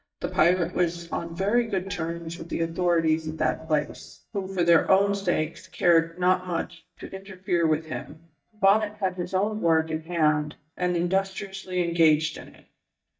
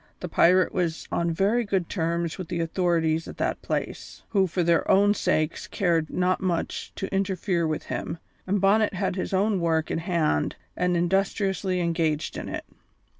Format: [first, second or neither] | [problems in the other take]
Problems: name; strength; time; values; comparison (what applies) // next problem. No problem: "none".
second | noise reduction (neural mask model DeepFilterNet 3)